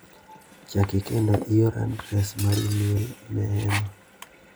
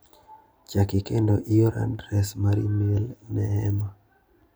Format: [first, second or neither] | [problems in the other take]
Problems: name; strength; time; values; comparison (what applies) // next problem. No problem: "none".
second | background sound (Shatter + Sink (filling or washing)); 14 dB below the speech